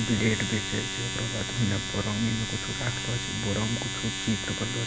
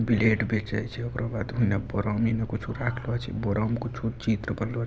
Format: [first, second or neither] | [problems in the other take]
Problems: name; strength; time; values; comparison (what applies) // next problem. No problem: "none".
second | background sound (Domestic sounds, home sounds); 3 dB below the speech